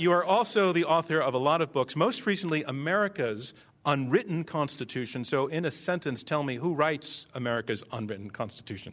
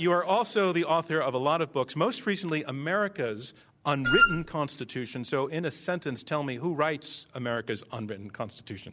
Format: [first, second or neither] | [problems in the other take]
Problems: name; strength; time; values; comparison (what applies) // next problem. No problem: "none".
first | background sound (Wind instrument, woodwind instrument); 5 dB above the speech